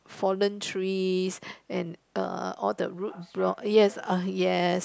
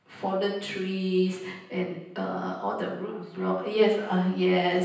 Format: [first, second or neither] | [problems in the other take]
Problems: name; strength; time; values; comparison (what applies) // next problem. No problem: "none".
first | room echo; dies away in 0.9 s